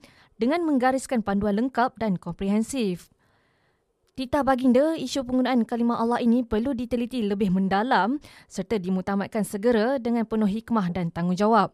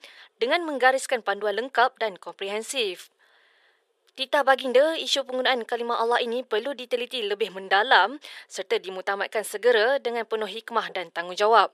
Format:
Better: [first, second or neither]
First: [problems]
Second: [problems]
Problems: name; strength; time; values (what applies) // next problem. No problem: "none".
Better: first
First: none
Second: thin; very; fading below 450 Hz